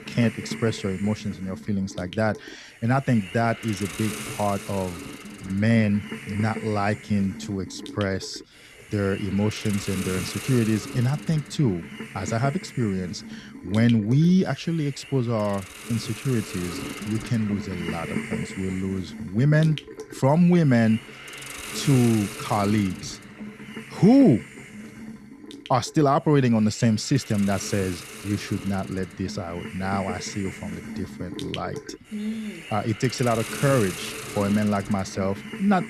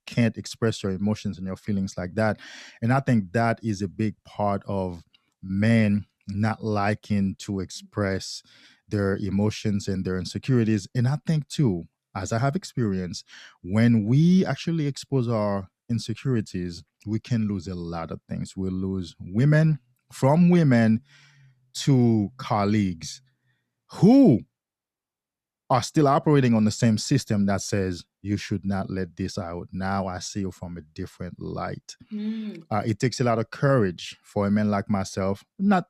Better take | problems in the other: second | hiss; noticeable; throughout; 10 dB below the speech

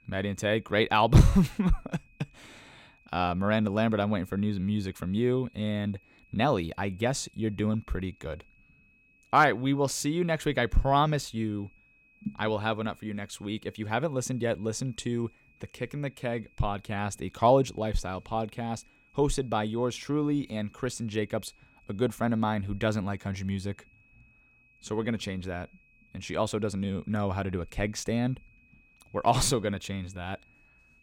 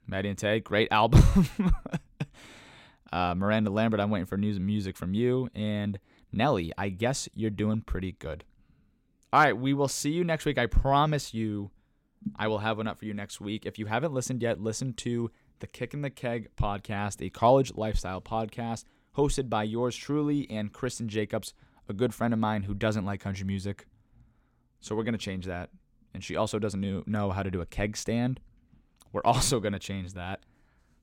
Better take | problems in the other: second | high-pitched whine; faint; throughout; 2.5 kHz, 30 dB below the speech

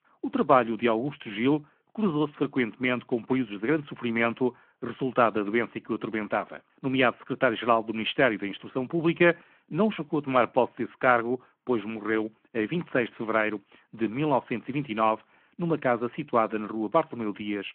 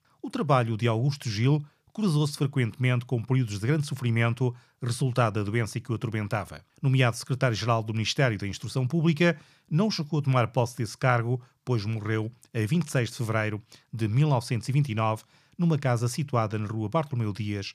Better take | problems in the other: second | phone-call audio

